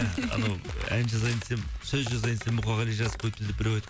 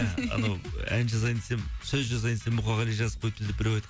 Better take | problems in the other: second | background sound (Walk, footsteps); 15 dB below the speech

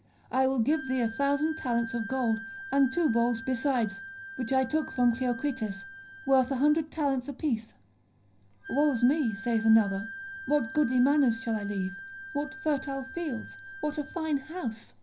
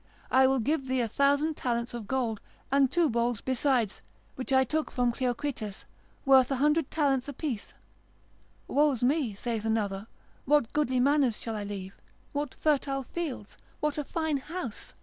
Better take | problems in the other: second | background sound (Wind instrument, woodwind instrument); 15 dB below the speech // room echo; dies away in 0.5 s

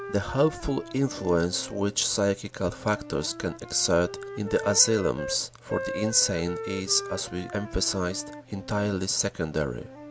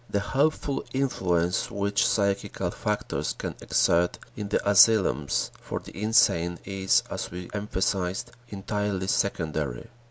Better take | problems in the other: second | background sound (Wind instrument, woodwind instrument); 12 dB below the speech

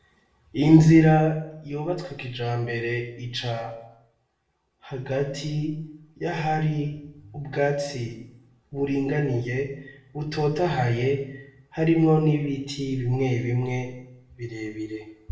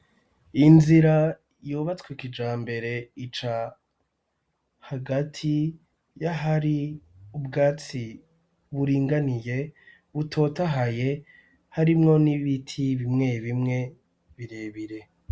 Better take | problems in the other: second | room echo; dies away in 0.6 s

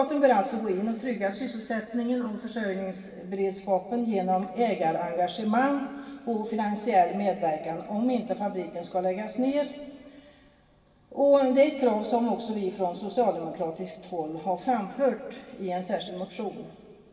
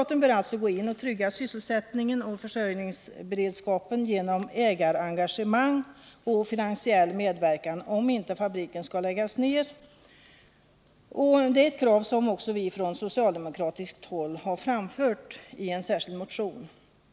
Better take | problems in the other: second | room echo; dies away in 1.9 s

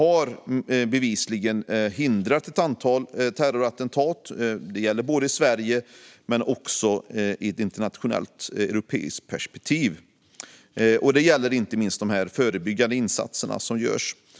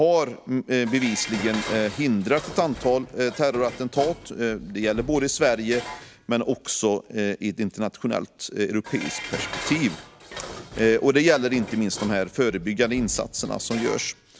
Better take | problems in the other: first | background sound (Dishes, pots, and pans); 14 dB below the speech

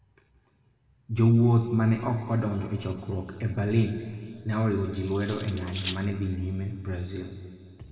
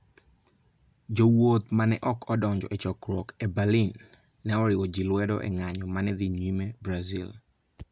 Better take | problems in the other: second | background sound (Cutlery, silverware); 14 dB below the speech // room echo; dies away in 2 s

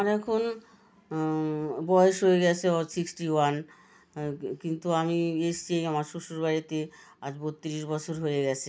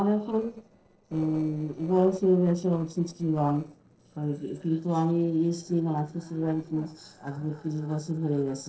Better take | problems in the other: first | noise reduction (neural separator model SepFormer DNS4)

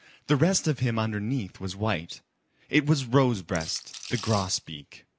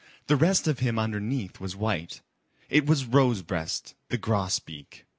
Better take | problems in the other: second | background sound (Rattle / Rattle (instrument)); 13 dB below the speech

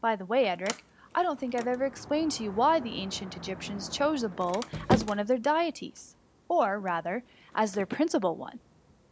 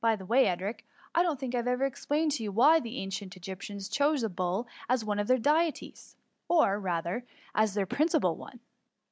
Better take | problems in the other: second | background sound (Sliding door); 10 dB below the speech

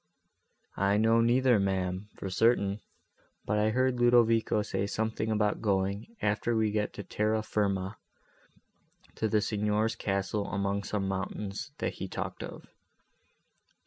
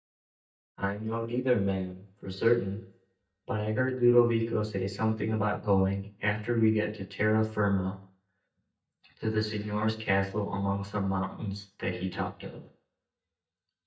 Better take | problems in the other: first | noise reduction (neural mask model DeepFilterNet 3)

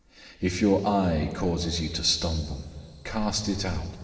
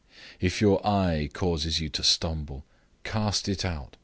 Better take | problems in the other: second | room echo; dies away in 2.7 s

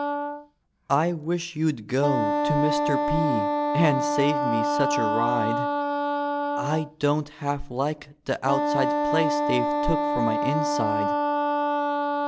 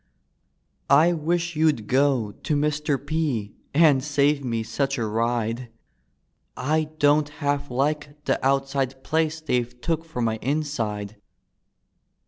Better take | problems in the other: second | background sound (Wind instrument, woodwind instrument); 2 dB above the speech

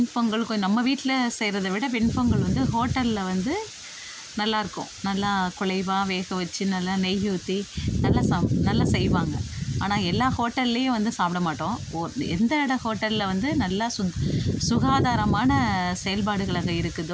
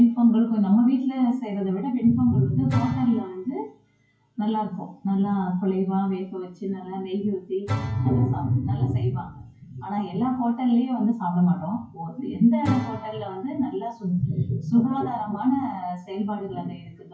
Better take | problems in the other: first | noise reduction (classical method WPE with log-MMSE)

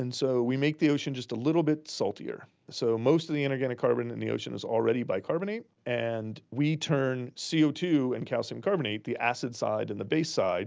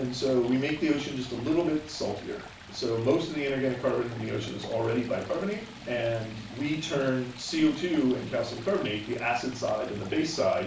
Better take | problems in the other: first | background sound (Stream); 16 dB below the speech // room echo; dies away in 0.3 s

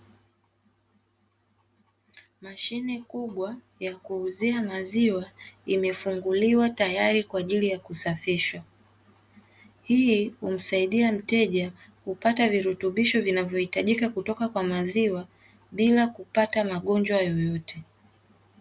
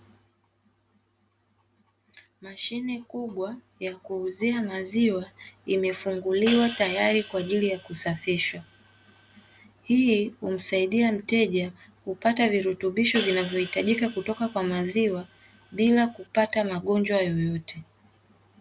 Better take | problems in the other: first | background sound (Hi-hat); 14 dB below the speech

